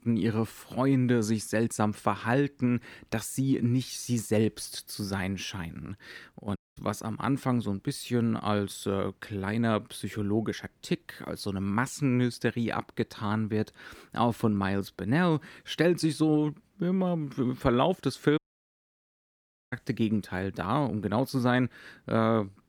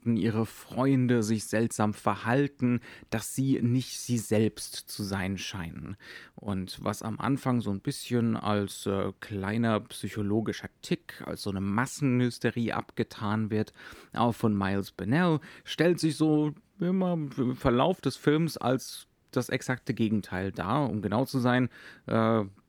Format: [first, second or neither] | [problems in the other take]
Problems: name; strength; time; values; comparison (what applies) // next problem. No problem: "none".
second | audio cutting out; at 6.5 s and at 18 s for 1.5 s